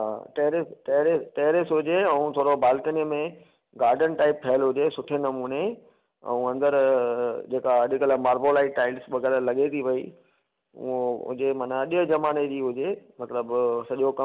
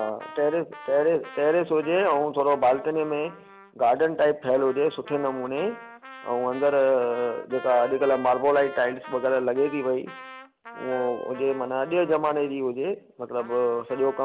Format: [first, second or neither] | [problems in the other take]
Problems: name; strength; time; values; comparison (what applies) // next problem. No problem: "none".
first | background sound (Wind instrument, woodwind instrument + Trumpet); 17 dB below the speech